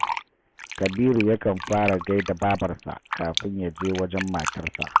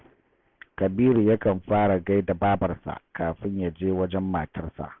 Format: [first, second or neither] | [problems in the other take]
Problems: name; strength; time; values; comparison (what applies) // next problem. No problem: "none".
second | background sound (Fill (with liquid)); 6 dB below the speech